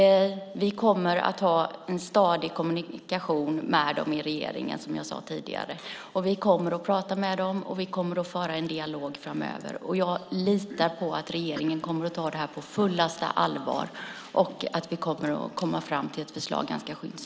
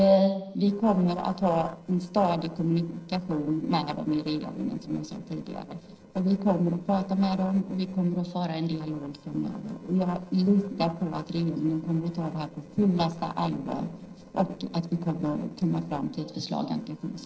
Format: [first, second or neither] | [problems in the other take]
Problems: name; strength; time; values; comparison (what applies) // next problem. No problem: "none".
first | noise reduction (neural separator model SepFormer DNS4)